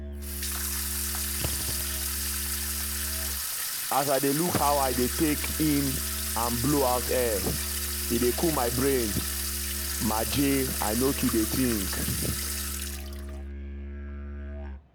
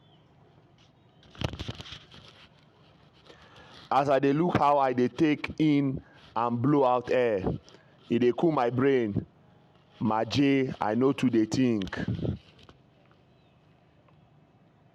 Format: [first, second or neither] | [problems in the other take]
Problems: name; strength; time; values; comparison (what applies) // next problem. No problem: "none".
second | background sound (Musical instrument + Sink (filling or washing) / Water tap, faucet); 1 dB below the speech